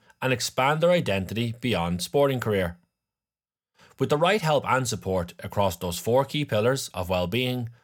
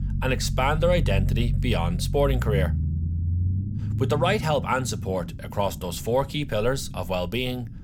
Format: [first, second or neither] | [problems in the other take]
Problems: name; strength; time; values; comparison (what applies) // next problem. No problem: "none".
first | low rumble; noticeable; throughout; 15 dB below the speech